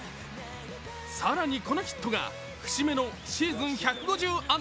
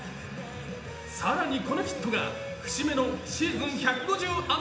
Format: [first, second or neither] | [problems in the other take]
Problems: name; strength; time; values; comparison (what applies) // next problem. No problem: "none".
first | room echo; dies away in 0.8 s